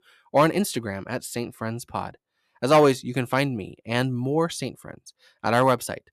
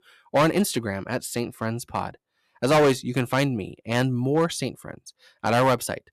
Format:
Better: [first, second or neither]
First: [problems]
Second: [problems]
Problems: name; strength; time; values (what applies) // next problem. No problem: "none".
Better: first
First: none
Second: distortion; slight; 4% of the sound clipped